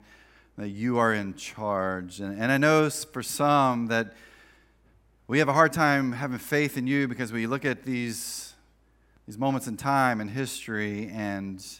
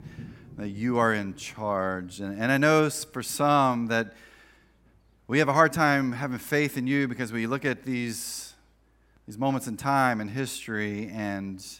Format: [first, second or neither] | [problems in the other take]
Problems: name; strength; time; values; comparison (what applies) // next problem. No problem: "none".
first | rain or running water; faint; throughout; 25 dB below the speech